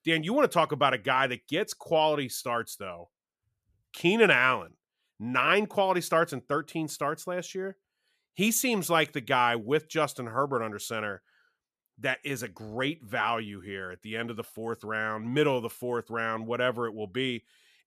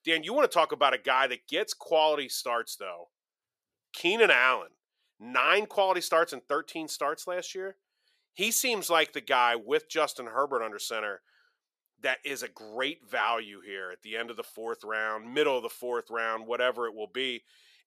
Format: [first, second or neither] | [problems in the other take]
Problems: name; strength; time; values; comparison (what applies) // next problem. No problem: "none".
first | thin; somewhat; fading below 450 Hz